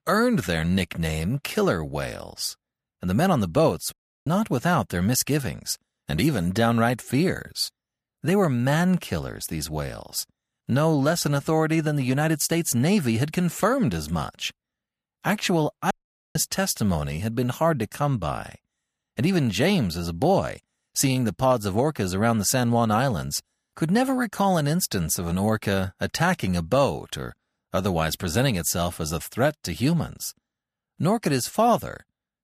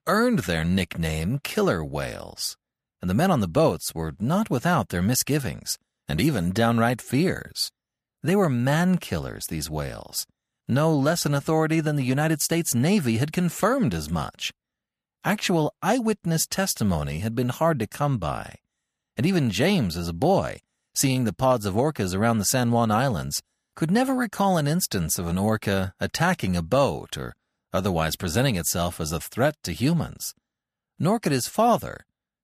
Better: second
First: audio cutting out; at 4 s and at 16 s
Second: none

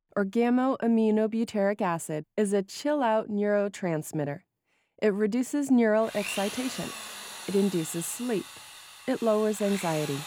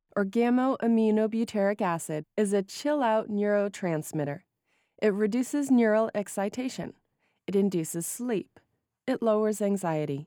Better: second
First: machinery noise; noticeable; from 6 s on; 10 dB below the speech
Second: none

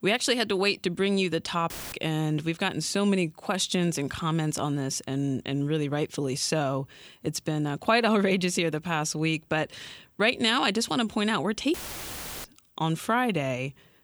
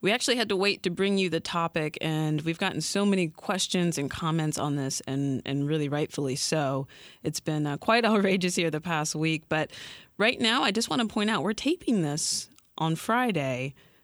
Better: second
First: audio cutting out; filled with static; at 1.5 s and at 12 s for 0.5 s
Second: none

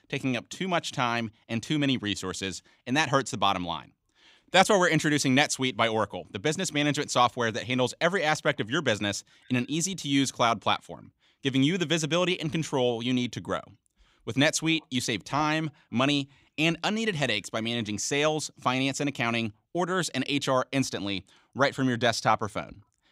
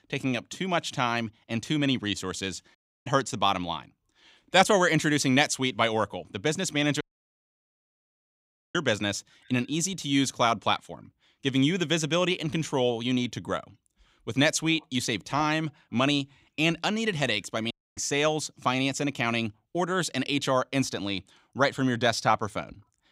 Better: first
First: none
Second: audio cutting out; at 3 s, at 7 s for 1.5 s and at 18 s

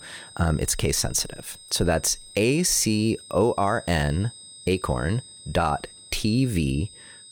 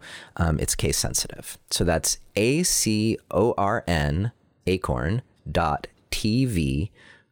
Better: second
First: high-pitched whine; noticeable; throughout; 8.5 kHz, 20 dB below the speech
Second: none

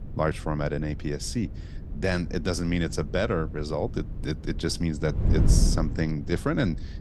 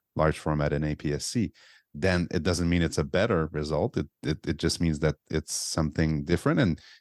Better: second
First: wind noise on the microphone; occasional gusts; 15 dB below the speech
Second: none

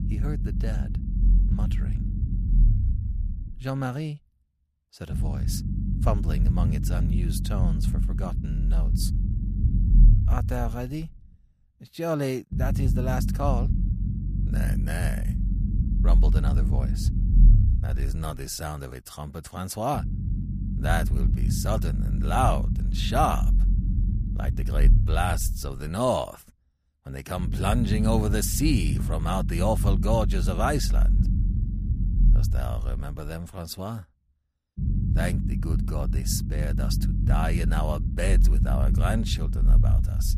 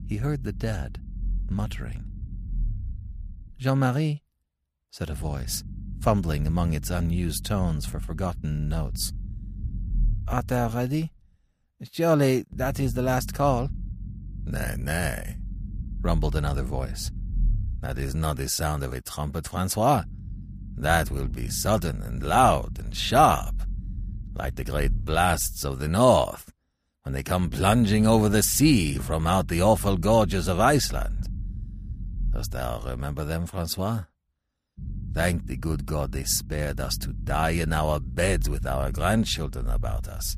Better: second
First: low rumble; loud; throughout; 9 dB below the speech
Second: low rumble; faint; throughout; 25 dB below the speech

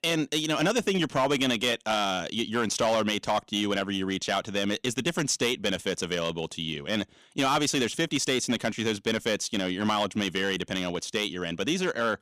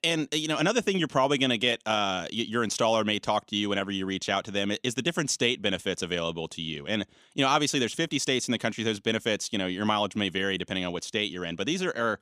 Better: second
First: distortion; slight; 5% of the sound clipped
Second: none

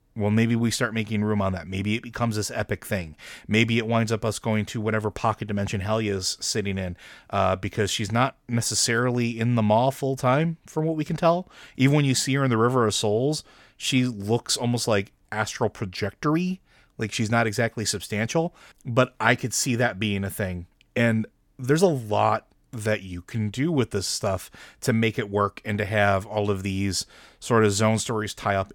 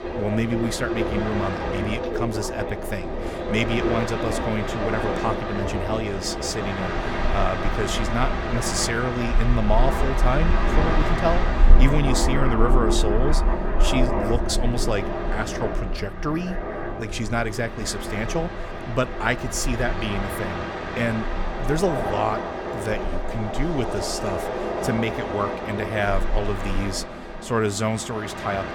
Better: first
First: none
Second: train or aircraft noise; very loud; throughout; as loud as the speech

